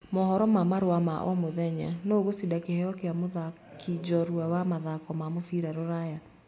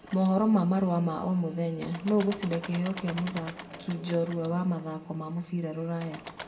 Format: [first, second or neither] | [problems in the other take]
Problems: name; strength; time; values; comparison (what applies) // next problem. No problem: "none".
first | background sound (Engine / Mechanisms); 17 dB below the speech // room echo; dies away in 1 s